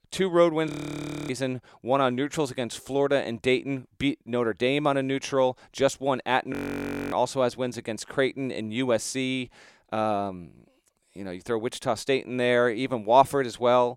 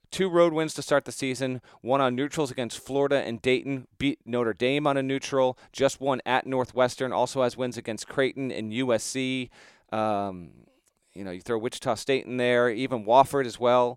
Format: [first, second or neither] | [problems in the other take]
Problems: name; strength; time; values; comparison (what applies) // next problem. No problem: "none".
second | audio freezing; at 0.5 s for 0.5 s and at 6.5 s for 0.5 s